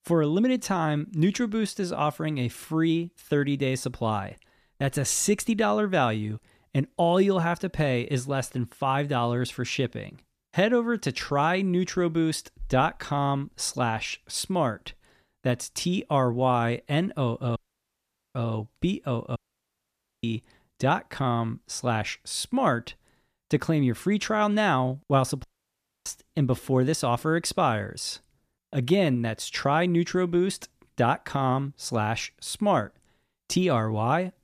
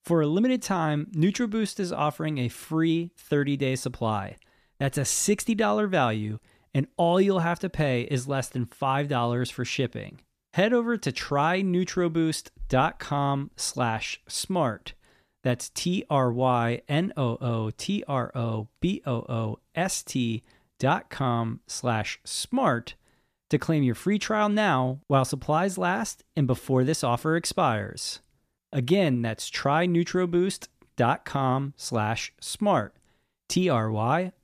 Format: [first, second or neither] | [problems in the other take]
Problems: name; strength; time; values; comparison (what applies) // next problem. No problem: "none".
second | audio cutting out; at 18 s for 1 s, at 19 s for 1 s and at 25 s for 0.5 s